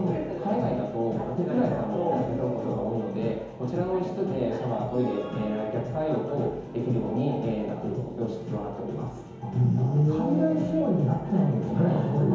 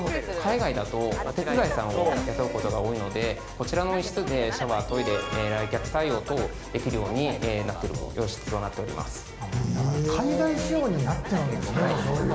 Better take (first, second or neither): second